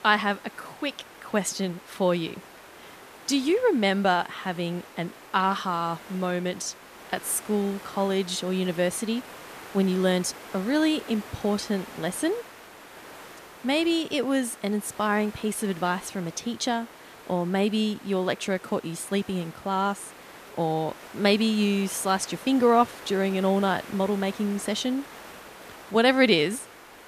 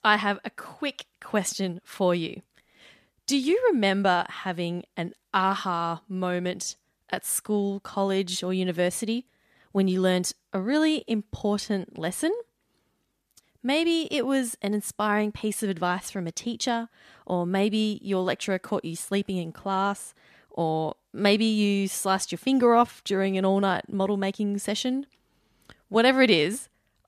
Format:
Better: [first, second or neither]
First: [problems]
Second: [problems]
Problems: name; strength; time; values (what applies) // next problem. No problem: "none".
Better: second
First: hiss; noticeable; throughout; 15 dB below the speech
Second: none